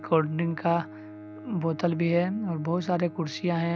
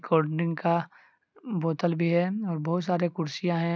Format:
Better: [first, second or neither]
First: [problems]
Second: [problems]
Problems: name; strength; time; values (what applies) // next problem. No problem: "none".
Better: second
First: background sound (Bowed string instrument); 16 dB below the speech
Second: none